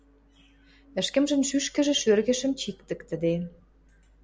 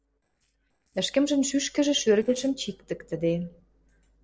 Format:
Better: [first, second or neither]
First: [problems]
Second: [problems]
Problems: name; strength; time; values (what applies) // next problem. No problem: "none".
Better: first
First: none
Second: noise reduction (neural separator model SepFormer DNS4)